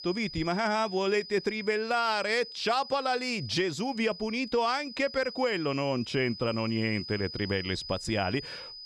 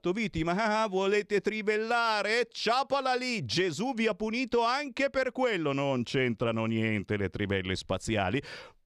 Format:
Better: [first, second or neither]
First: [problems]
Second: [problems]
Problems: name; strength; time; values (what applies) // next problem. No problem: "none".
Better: second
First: high-pitched whine; noticeable; throughout; 5 kHz, 10 dB below the speech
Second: none